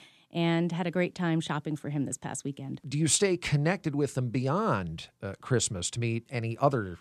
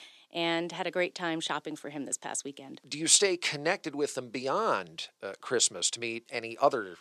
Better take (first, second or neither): first